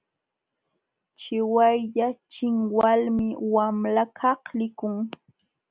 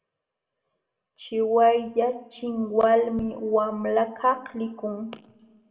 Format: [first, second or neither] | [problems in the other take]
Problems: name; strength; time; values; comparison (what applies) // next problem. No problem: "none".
first | room echo; dies away in 1.5 s